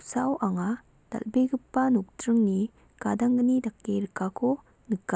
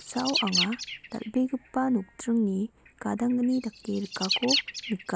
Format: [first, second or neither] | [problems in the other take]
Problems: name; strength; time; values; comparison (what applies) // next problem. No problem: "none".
first | background sound (Bird); 5 dB below the speech